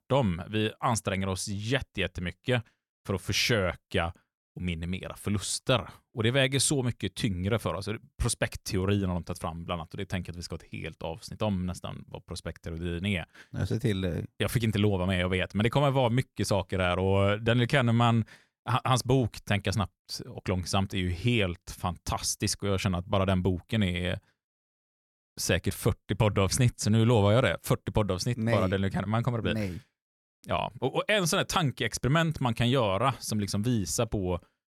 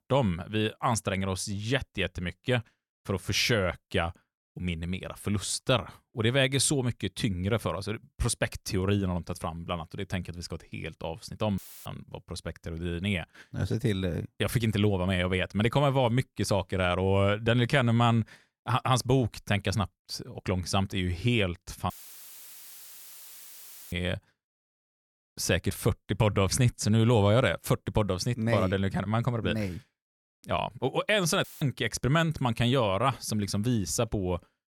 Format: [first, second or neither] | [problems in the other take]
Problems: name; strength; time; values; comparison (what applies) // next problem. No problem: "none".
first | audio cutting out; filled with static; at 12 s, at 22 s for 2 s and at 31 s